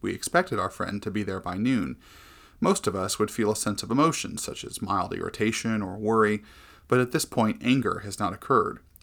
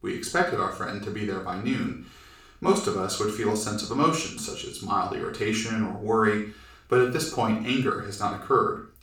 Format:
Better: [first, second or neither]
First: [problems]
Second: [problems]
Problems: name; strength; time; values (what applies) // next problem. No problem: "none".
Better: first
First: none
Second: room echo; noticeable; dies away in 0.4 s // off-mic speech; far